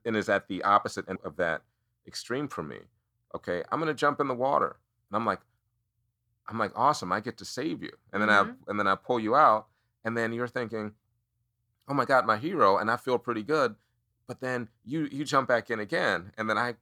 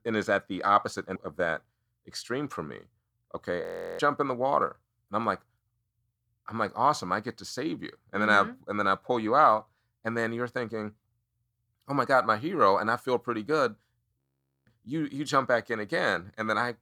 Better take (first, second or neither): first